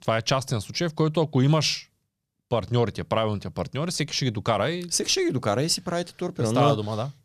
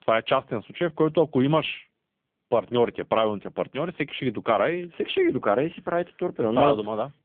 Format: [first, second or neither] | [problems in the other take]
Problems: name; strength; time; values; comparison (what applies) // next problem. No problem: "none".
first | phone-call audio; poor line; nothing above 3.5 kHz